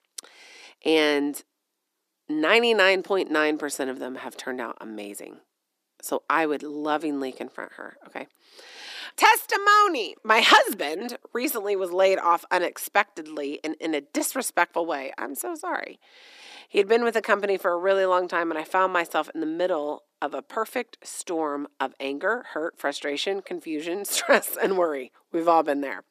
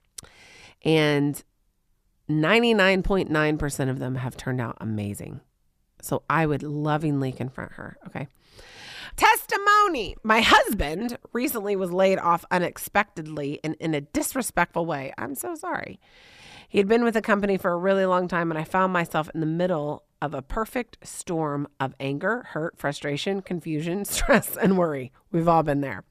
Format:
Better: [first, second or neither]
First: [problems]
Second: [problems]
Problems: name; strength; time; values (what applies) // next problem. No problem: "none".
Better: second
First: thin; somewhat; fading below 300 Hz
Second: none